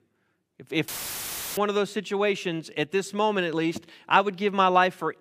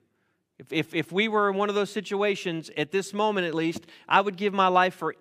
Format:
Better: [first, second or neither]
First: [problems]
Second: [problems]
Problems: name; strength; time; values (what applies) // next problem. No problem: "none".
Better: second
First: audio cutting out; filled with static; at 1 s for 0.5 s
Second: none